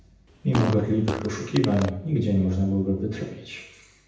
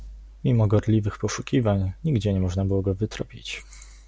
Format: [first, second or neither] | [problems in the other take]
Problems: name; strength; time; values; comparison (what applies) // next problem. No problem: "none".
second | background sound (Fart); 8 dB below the speech // room echo; dies away in 0.8 s